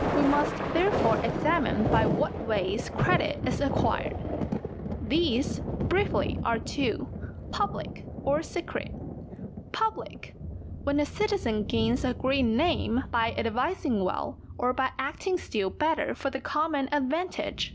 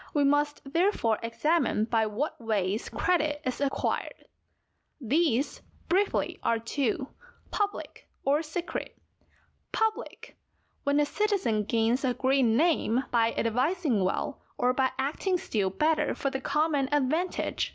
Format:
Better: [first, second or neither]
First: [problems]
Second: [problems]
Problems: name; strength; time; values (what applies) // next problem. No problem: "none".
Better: second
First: background sound (Thunder); 4 dB below the speech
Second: none